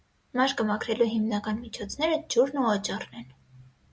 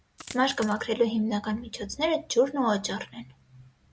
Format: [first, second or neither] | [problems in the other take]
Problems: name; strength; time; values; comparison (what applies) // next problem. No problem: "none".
first | background sound (Coin (dropping)); 16 dB below the speech